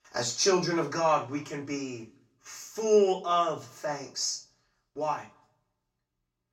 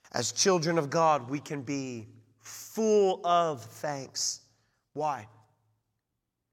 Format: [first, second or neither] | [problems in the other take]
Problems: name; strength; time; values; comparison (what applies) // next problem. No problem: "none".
second | room echo; slight; dies away in 0.2 s // off-mic speech; far